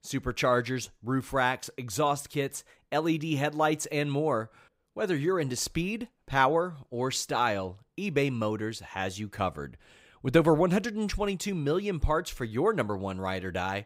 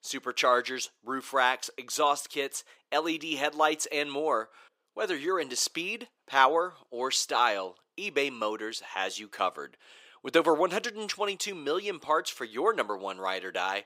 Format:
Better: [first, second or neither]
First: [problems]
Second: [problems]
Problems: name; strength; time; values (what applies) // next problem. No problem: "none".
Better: first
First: none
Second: thin; somewhat; fading below 350 Hz